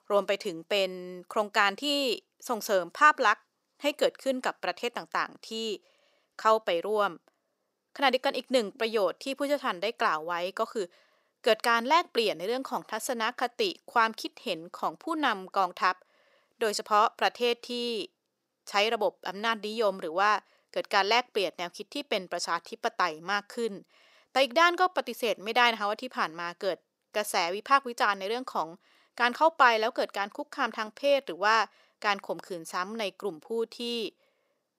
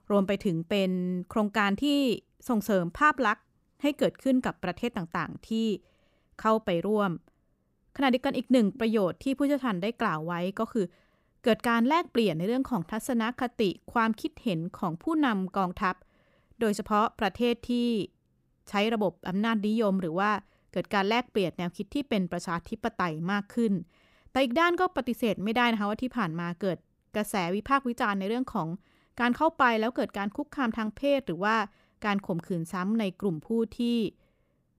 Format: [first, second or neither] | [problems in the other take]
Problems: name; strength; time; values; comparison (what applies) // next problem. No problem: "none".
second | thin; somewhat; fading below 550 Hz